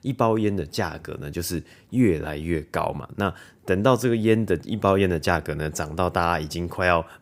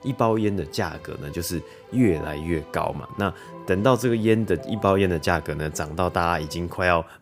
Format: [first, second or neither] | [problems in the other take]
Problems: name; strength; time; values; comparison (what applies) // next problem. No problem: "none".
first | background music; noticeable; throughout; 20 dB below the speech